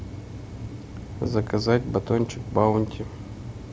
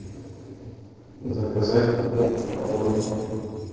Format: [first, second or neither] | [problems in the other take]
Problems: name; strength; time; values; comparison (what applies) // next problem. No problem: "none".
first | noise reduction (neural separator model SepFormer DNS4)